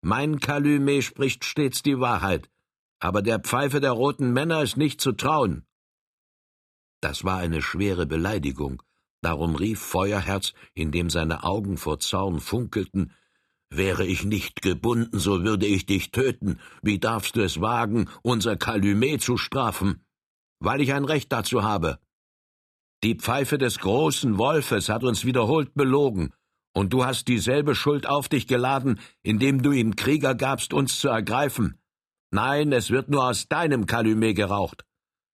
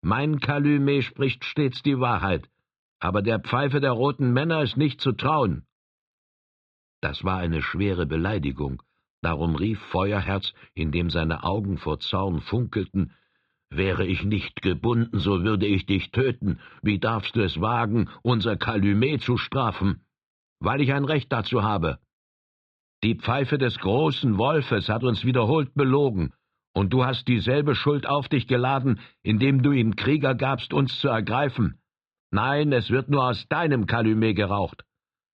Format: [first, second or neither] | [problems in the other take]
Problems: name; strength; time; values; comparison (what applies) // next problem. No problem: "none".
first | muffled; slightly; fading above 4 kHz